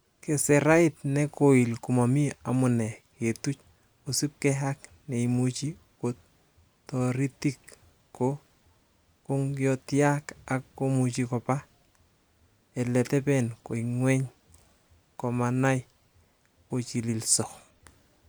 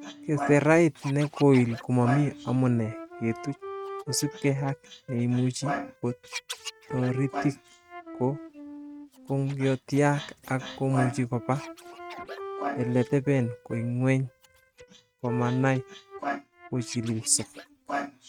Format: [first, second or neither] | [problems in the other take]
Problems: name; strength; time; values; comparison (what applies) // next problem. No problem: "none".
first | noise reduction (neural mask model RNNoise)